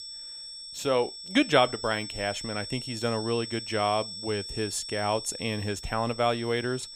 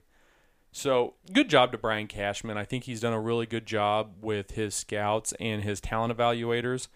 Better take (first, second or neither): second